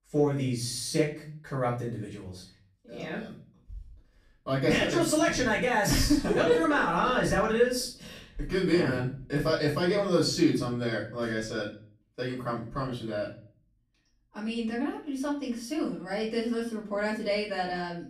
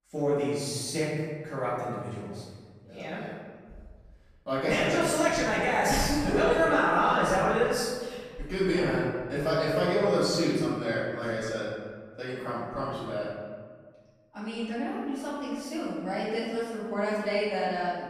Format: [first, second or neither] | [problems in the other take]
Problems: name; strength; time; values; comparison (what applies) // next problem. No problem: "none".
first | room echo; strong; dies away in 1.5 s; slight in the first // off-mic speech; far; far in the first